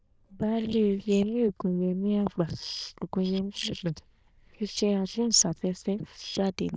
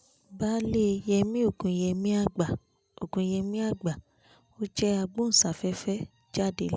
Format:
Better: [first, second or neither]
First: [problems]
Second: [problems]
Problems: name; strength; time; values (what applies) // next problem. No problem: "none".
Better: second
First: noise reduction (neural diffusion model UNIVERSE++)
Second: none